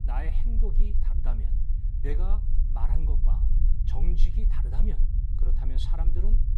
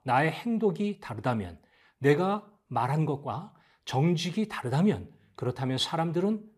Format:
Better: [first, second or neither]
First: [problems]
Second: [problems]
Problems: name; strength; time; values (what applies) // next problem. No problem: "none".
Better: second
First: low rumble; loud; throughout; 5 dB below the speech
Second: none